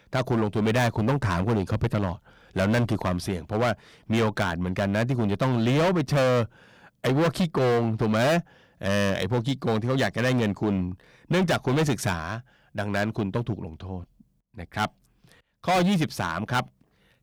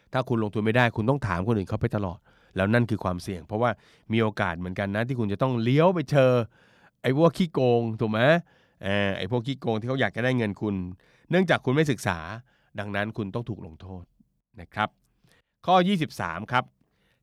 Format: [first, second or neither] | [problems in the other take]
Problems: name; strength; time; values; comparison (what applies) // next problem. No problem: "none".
second | distortion; heavy; 14% of the sound clipped